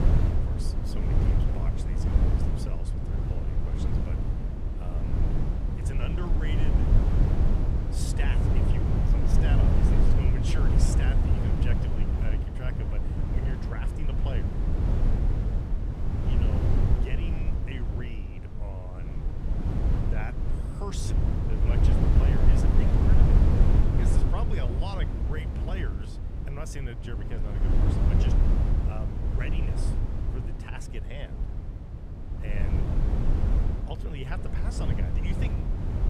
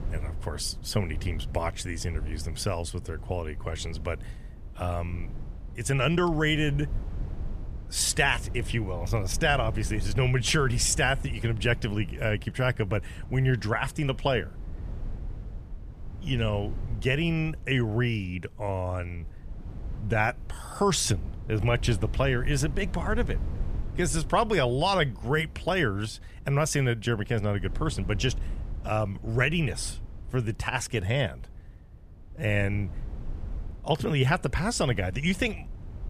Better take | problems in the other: second | wind noise on the microphone; heavy; 4 dB above the speech; occasional gusts in the second

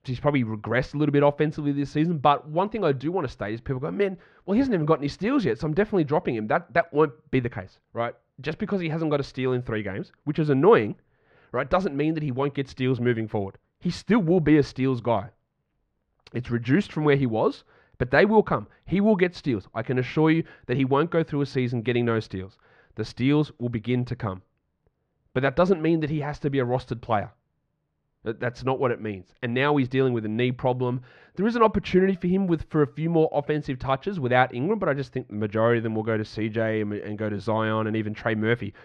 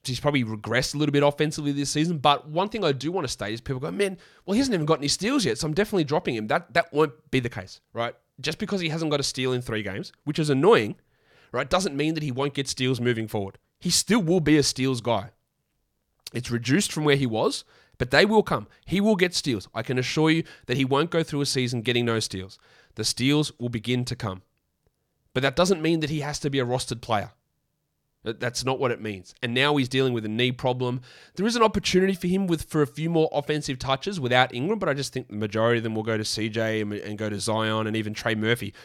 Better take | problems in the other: second | muffled; very; fading above 2 kHz

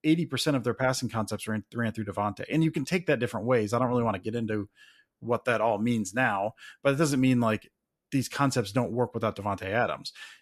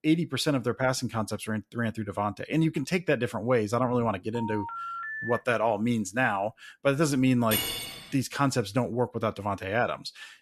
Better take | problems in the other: first | phone ringing; noticeable; from 4.5 to 5.5 s; peak 6 dB below the speech // clattering dishes; loud; at 7.5 s; peak level with the speech

